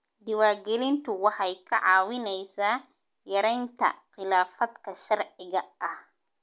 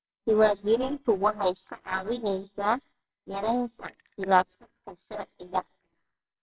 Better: first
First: none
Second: noise reduction (neural separator model SepFormer WHAMR!)

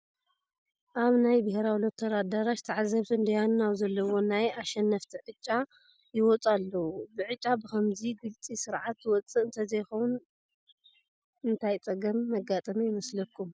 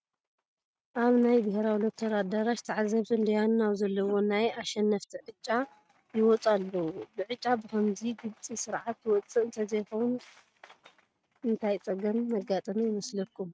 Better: first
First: none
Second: noise reduction (neural mask model RNNoise)

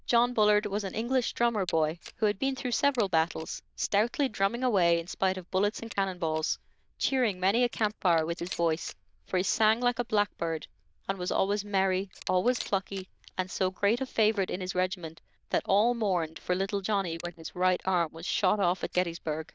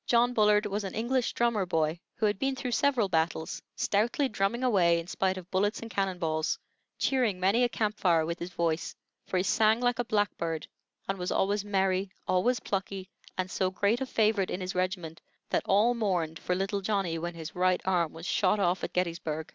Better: second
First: noise reduction (neural diffusion model UNIVERSE++)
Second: none

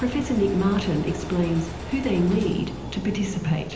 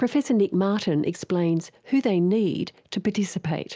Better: second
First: background sound (Engine); 10 dB below the speech // room echo; dies away in 0.9 s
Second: none

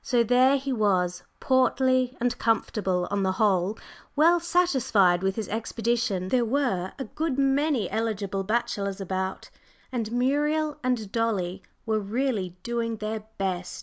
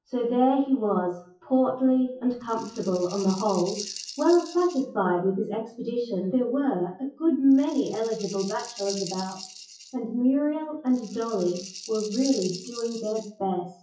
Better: first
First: none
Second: noise reduction (classical method WPE with log-MMSE)

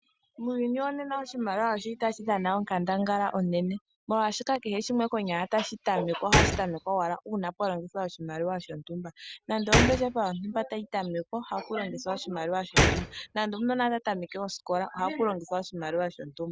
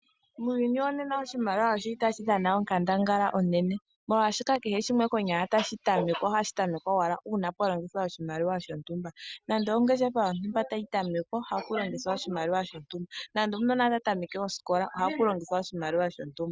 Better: second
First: background sound (Gunshot, gunfire); as loud as the speech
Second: none

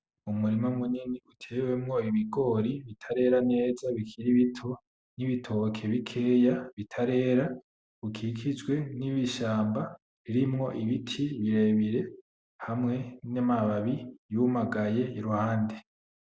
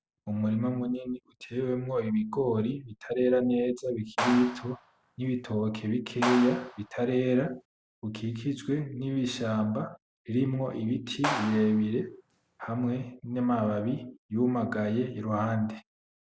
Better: first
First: none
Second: background sound (Clapping); 7 dB below the speech

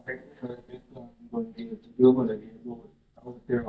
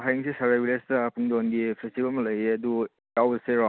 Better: second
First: noise reduction (neural mask model DeepFilterNet 3)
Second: none

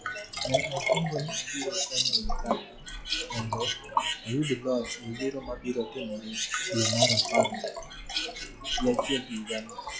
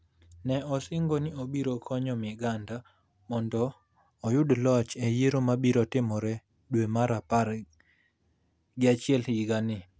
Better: second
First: noise reduction (classical method log-MMSE)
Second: none

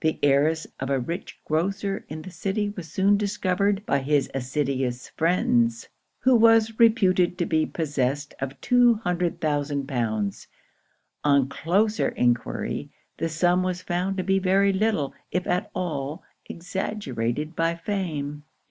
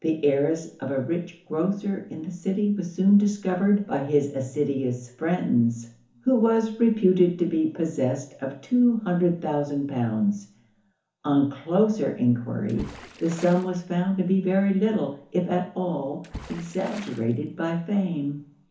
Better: first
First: none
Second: background sound (Water / Splash, splatter); 19 dB below the speech // room echo; dies away in 0.7 s

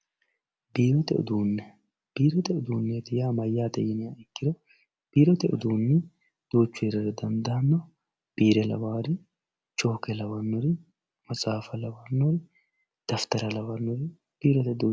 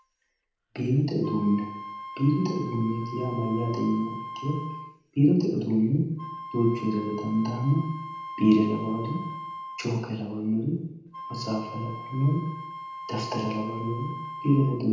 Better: first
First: none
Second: background sound (Wind instrument, woodwind instrument); 12 dB below the speech // room echo; dies away in 0.8 s

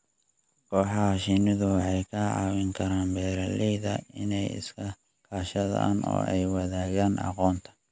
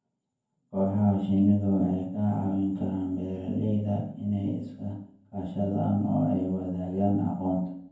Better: first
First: none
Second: room echo; dies away in 0.9 s

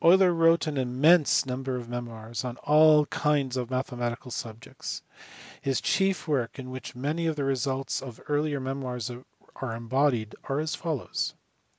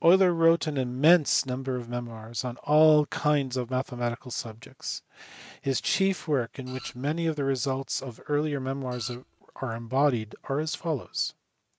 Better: first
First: none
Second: noise reduction (neural mask model RNNoise)

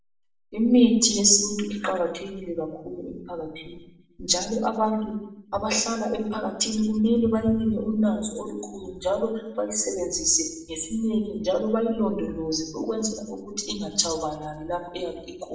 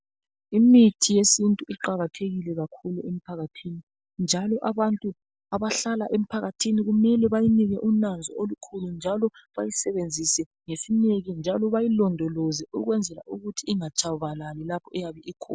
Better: second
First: room echo; dies away in 0.7 s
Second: none

